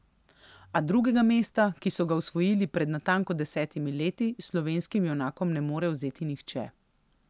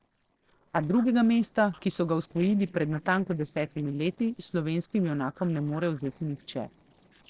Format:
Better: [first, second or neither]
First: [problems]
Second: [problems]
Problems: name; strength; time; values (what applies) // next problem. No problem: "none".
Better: first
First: none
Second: noise reduction (neural separator model SepFormer DNS4)